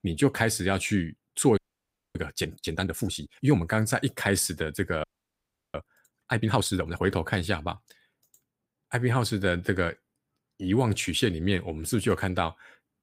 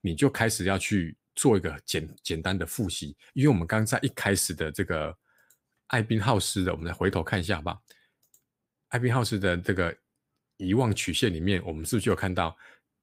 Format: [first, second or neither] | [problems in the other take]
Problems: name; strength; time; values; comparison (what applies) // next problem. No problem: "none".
second | audio freezing; at 1.5 s for 0.5 s and at 5 s for 0.5 s